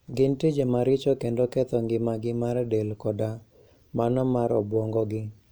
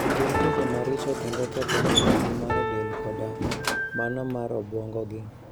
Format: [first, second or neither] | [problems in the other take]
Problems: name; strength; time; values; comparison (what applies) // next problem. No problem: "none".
first | background sound (Piano + Sliding door); 3 dB above the speech